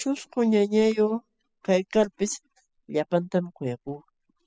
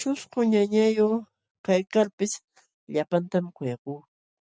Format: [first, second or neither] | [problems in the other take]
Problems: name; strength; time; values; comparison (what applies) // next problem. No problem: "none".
second | noise reduction (classical method spectral subtraction)